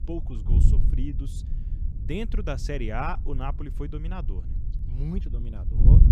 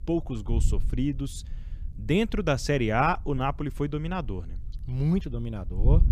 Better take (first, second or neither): second